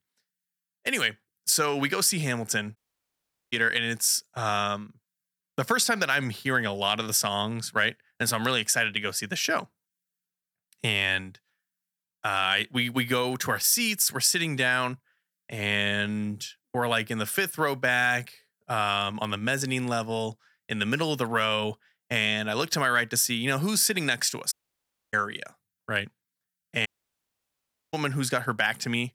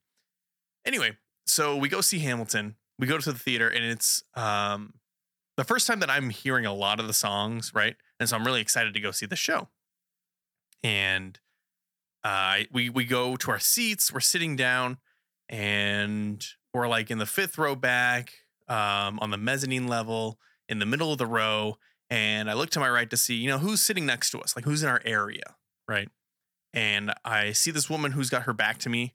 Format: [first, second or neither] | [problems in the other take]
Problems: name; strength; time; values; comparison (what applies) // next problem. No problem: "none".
second | audio cutting out; at 3 s for 1 s, at 25 s for 0.5 s and at 27 s for 1 s